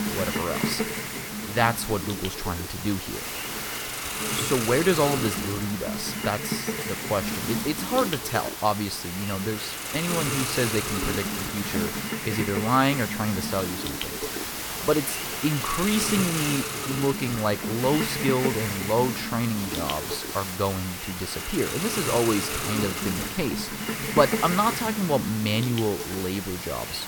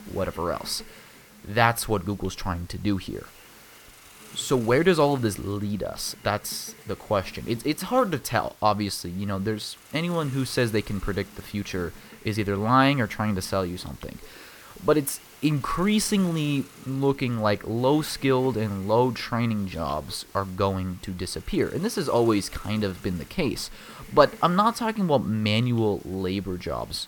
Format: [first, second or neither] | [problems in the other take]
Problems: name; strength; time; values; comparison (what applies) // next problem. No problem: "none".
second | hiss; loud; throughout; 2 dB below the speech; faint in the second